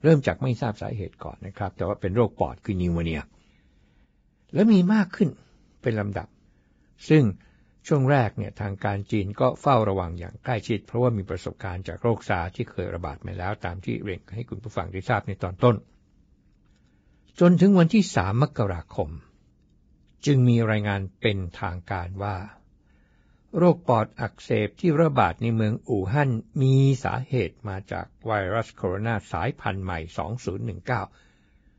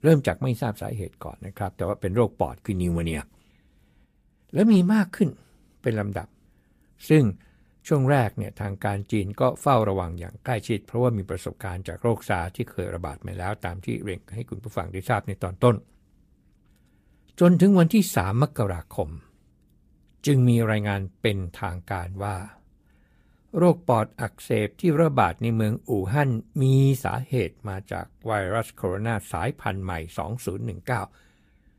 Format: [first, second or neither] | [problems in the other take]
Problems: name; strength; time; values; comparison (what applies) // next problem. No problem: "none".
second | garbled, watery; badly; nothing above 7.5 kHz; slightly in the second